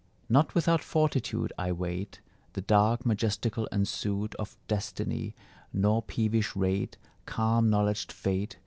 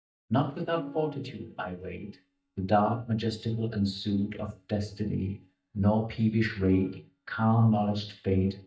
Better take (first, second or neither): first